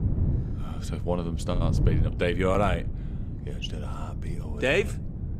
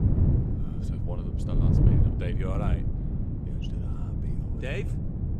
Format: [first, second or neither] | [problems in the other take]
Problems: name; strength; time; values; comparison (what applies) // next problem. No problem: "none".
first | wind noise on the microphone; heavy; 1 dB above the speech; occasional gusts in the first